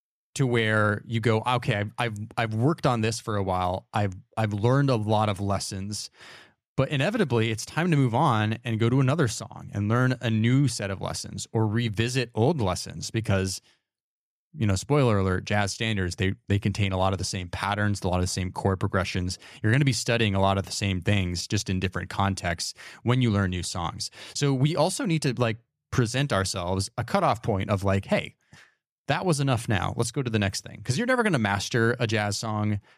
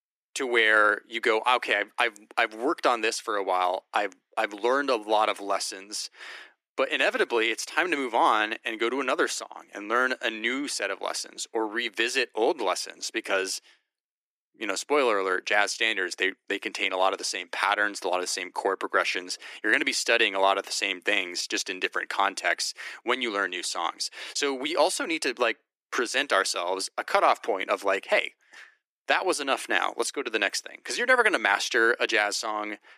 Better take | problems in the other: first | thin; very; fading below 300 Hz

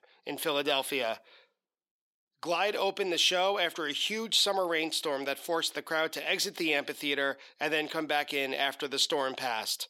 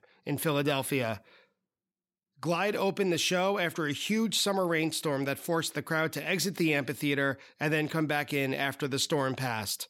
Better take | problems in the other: second | thin; somewhat; fading below 400 Hz

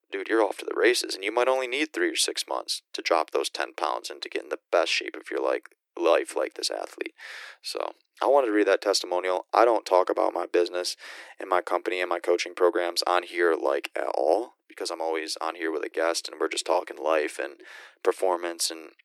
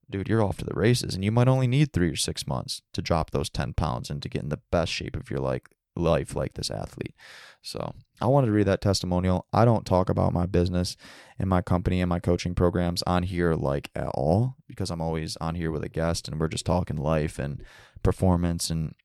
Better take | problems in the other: second | thin; very; fading below 300 Hz

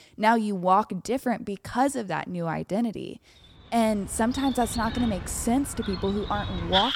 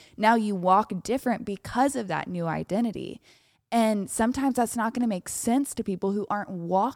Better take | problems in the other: second | animal sounds; loud; from 4 s on; 7 dB below the speech

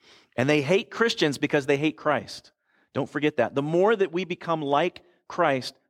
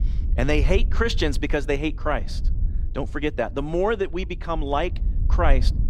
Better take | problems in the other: first | wind noise on the microphone; occasional gusts; 20 dB below the speech

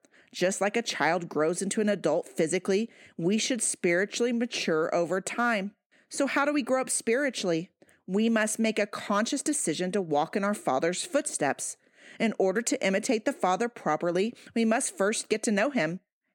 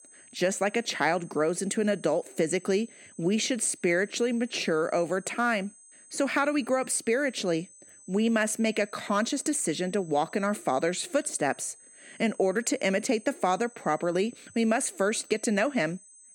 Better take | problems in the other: first | high-pitched whine; faint; throughout; 8 kHz, 25 dB below the speech

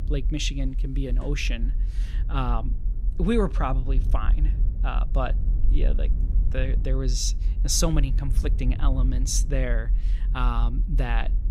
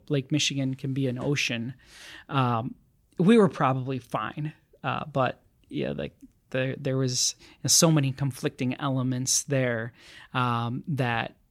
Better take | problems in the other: second | low rumble; noticeable; throughout; 15 dB below the speech

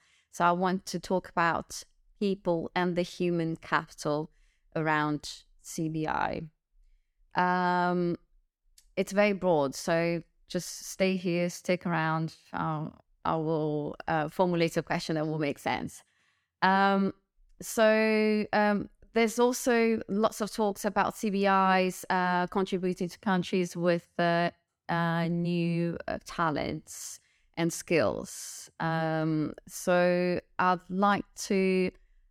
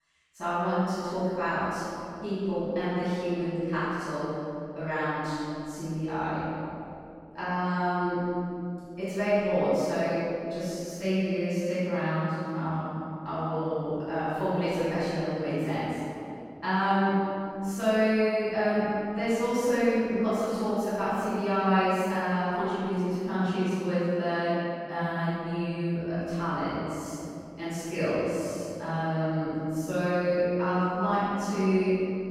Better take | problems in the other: first | off-mic speech; far // room echo; strong; dies away in 2.6 s

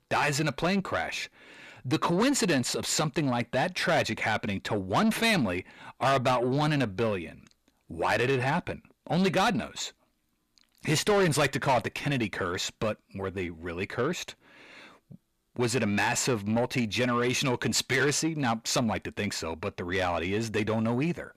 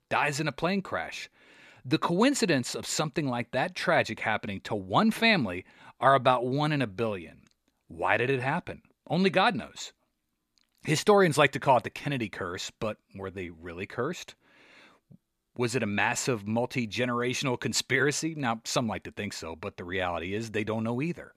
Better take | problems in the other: second | distortion; heavy; 8 dB below the speech

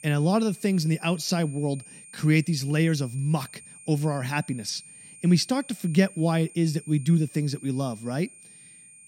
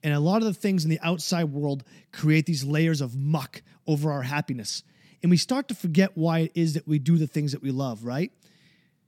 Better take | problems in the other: second | high-pitched whine; noticeable; throughout; 9 kHz, 20 dB below the speech

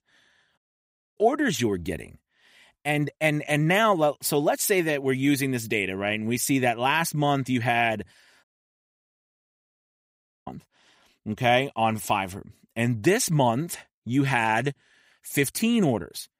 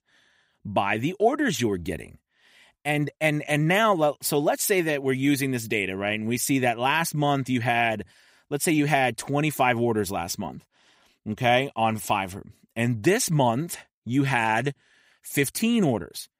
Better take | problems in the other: second | audio cutting out; at 0.5 s for 0.5 s and at 8.5 s for 2 s

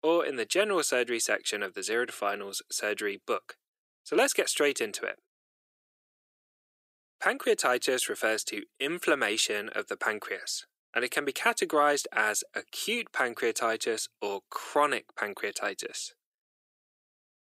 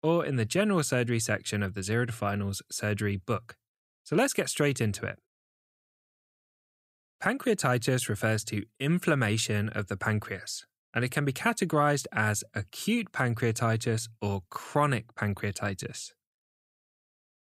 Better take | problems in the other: second | thin; very; fading below 350 Hz

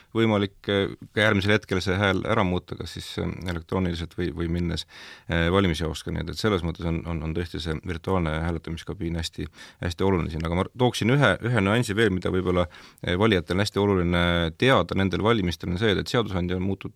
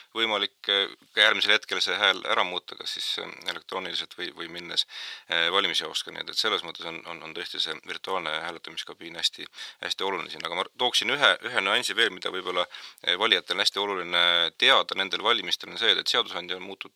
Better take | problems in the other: first | thin; very; fading below 650 Hz

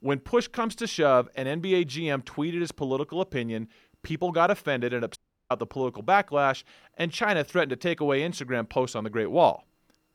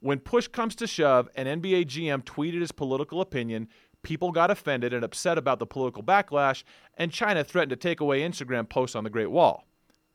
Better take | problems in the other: second | audio cutting out; at 5 s

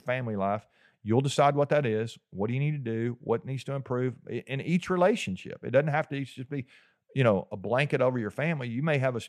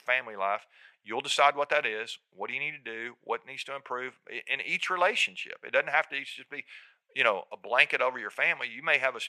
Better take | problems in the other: first | thin; very; fading below 700 Hz

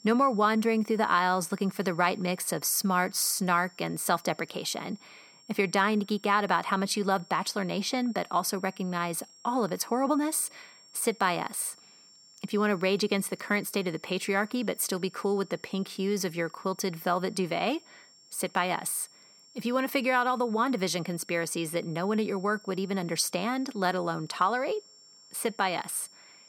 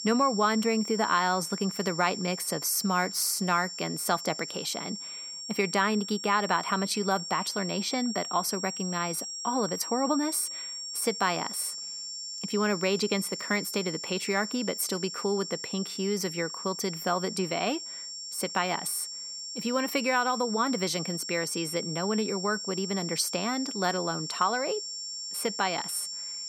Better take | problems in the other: first | high-pitched whine; loud; throughout; 5.5 kHz, 6 dB below the speech; faint in the first

